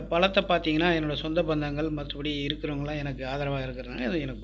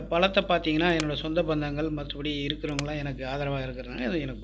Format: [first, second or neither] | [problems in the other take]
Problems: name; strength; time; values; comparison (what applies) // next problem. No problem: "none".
first | background sound (Wood); 18 dB below the speech